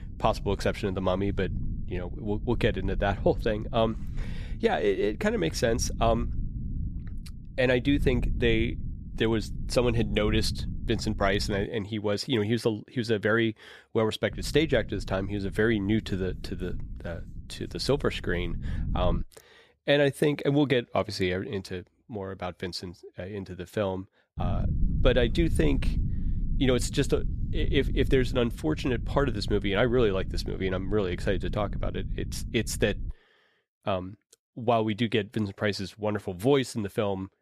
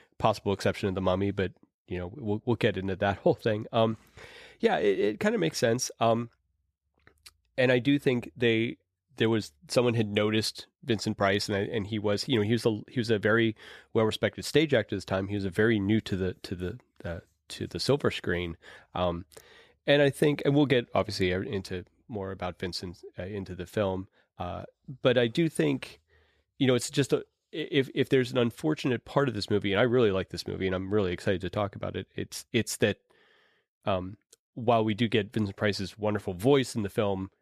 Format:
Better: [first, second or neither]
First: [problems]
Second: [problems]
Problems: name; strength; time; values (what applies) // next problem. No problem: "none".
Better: second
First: low rumble; noticeable; until 12 s, from 14 to 19 s and from 24 to 33 s; 20 dB below the speech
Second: none